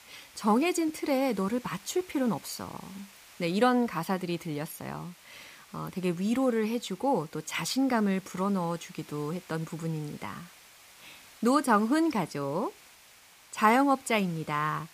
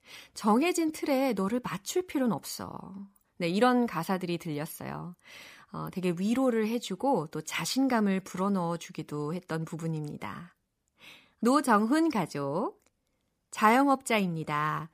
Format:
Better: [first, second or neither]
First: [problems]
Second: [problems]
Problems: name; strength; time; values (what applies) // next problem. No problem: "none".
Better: second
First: hiss; faint; throughout; 25 dB below the speech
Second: none